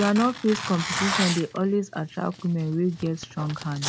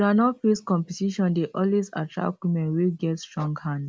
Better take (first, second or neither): second